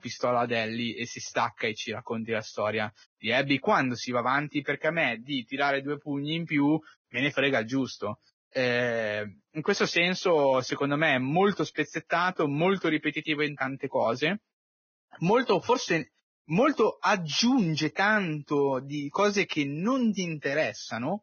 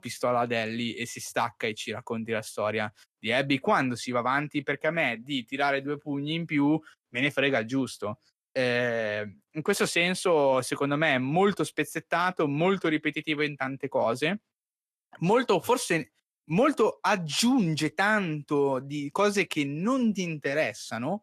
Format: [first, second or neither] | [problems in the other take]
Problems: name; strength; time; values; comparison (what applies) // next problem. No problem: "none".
second | garbled, watery; badly; nothing above 6.5 kHz; slightly in the second